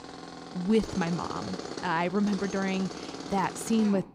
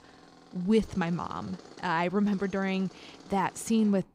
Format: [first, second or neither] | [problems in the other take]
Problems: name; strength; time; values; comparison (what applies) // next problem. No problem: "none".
second | machinery noise; loud; throughout; 10 dB below the speech; faint in the second